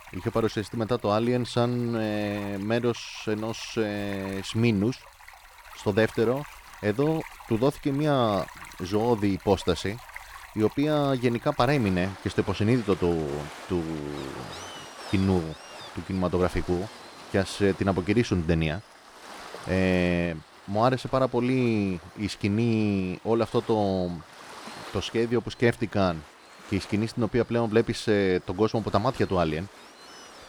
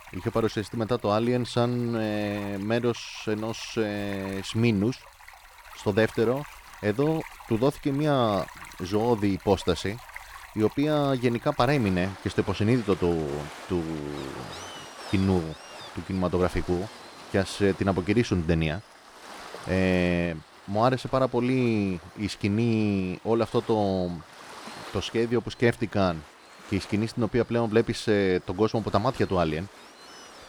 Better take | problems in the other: neither | rain or running water; noticeable; throughout; 20 dB below the speech; the same in both

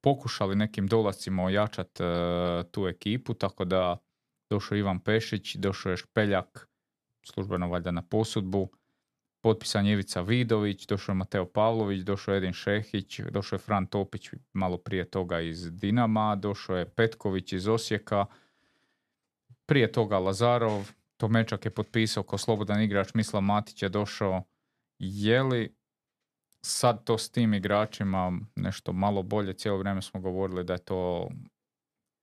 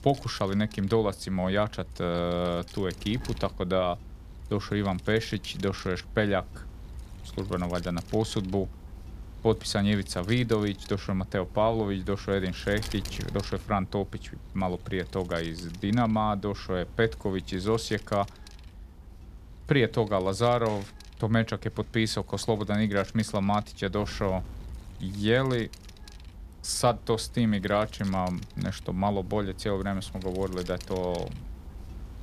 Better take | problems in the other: first | wind noise on the microphone; occasional gusts; 20 dB below the speech

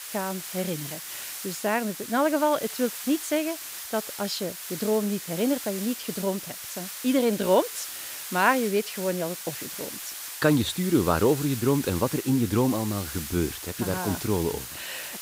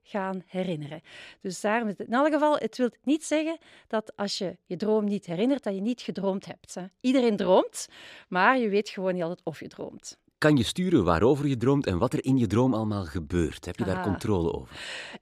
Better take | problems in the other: second | hiss; loud; throughout; 8 dB below the speech

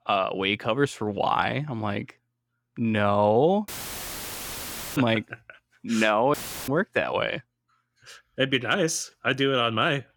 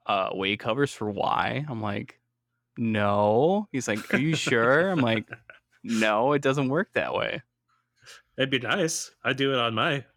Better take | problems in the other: second | audio cutting out; filled with static; at 3.5 s for 1.5 s and at 6.5 s

